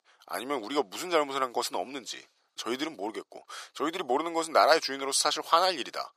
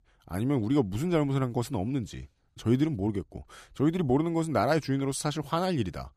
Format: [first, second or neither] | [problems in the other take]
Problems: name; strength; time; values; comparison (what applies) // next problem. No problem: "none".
second | thin; very; fading below 500 Hz